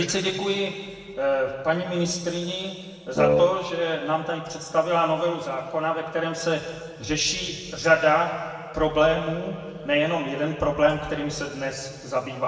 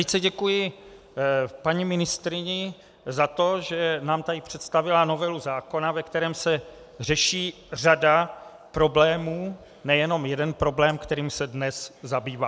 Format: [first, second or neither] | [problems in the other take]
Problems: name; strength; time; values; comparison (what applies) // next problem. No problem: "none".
second | noise reduction (neural separator model SepFormer DNS4)